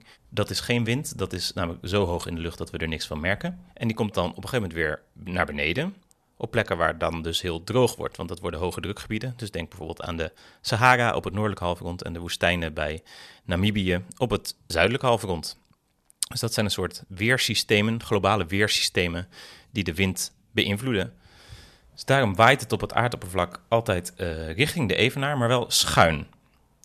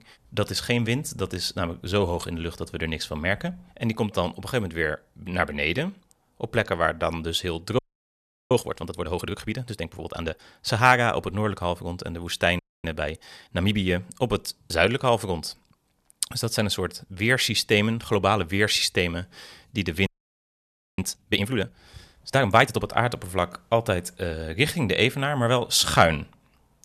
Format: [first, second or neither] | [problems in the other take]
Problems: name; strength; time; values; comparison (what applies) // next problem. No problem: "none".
first | audio freezing; at 8 s for 0.5 s, at 13 s and at 20 s for 1 s